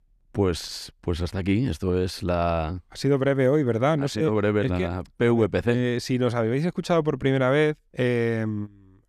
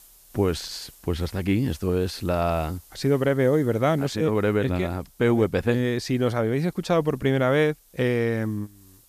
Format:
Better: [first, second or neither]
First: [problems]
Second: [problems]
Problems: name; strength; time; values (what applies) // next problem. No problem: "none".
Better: first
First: none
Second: hiss; faint; throughout; 25 dB below the speech